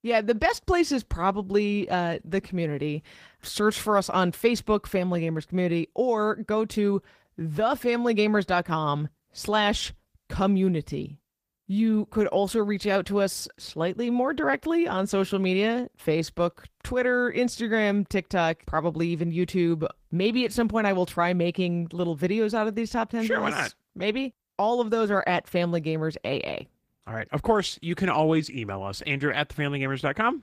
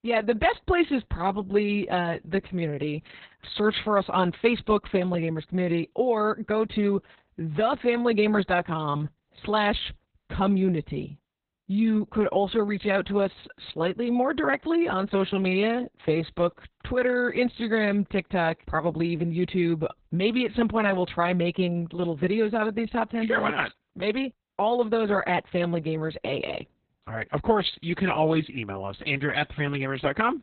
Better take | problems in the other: first | garbled, watery; badly; nothing above 4 kHz; slightly in the first

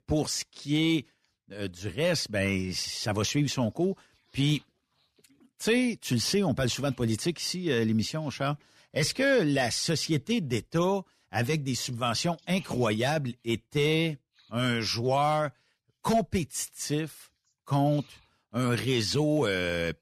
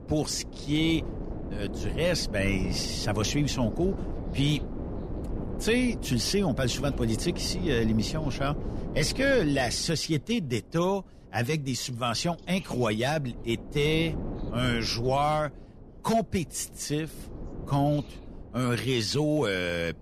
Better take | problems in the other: first | wind noise on the microphone; occasional gusts; 15 dB below the speech

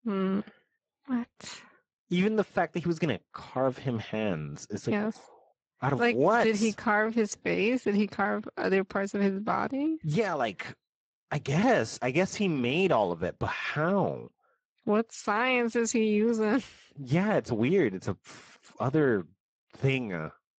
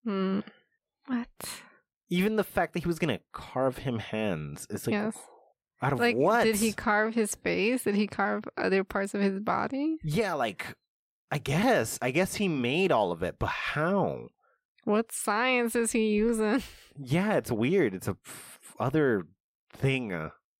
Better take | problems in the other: second | garbled, watery; badly; nothing above 7.5 kHz

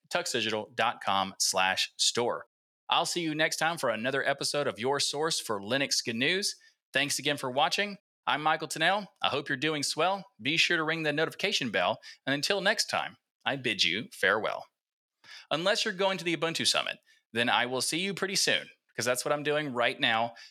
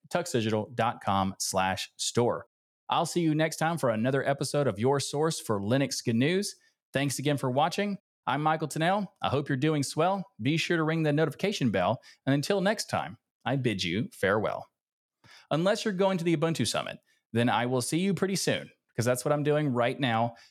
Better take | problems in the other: second | thin; somewhat; fading below 550 Hz

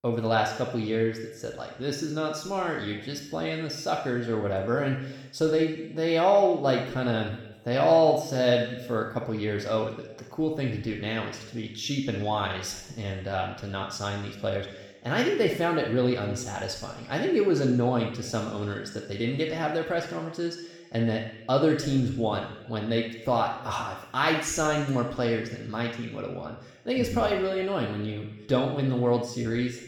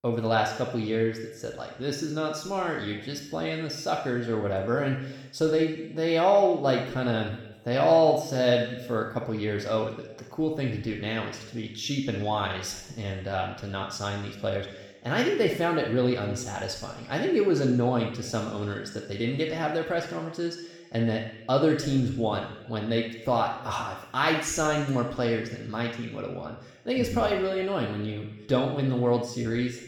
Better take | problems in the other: neither | room echo; noticeable; dies away in 0.9 s; the same in both // off-mic speech; somewhat distant; the same in both

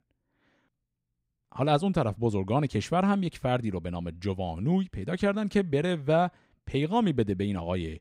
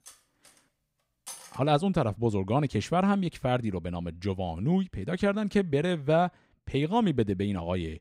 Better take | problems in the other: first | clattering dishes; faint; until 1.5 s; peak 15 dB below the speech

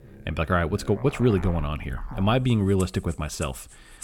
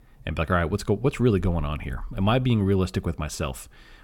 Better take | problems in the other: second | background music; noticeable; throughout; 20 dB below the speech

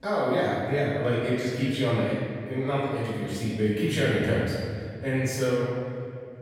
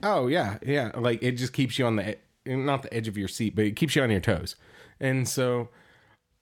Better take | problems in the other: second | room echo; strong; dies away in 2 s // off-mic speech; far

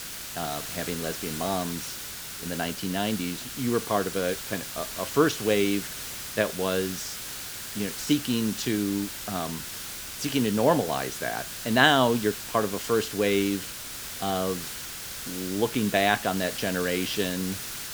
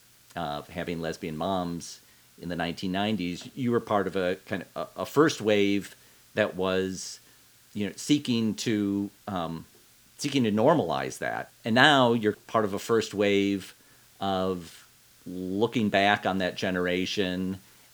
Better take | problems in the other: second | hiss; loud; throughout; 6 dB below the speech; faint in the second

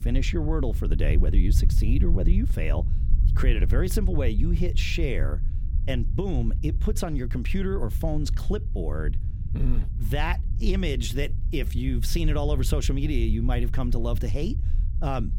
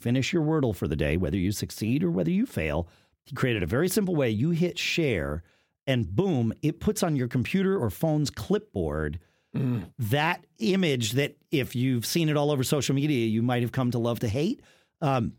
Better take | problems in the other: second | low rumble; noticeable; throughout; 15 dB below the speech

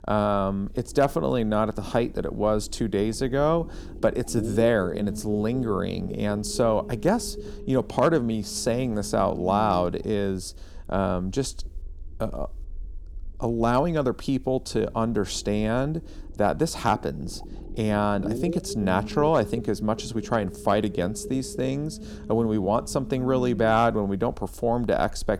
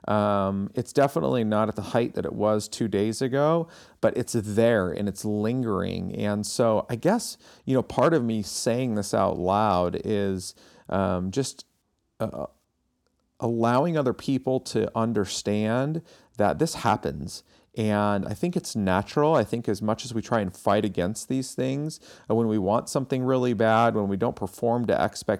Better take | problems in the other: second | low rumble; noticeable; throughout; 15 dB below the speech

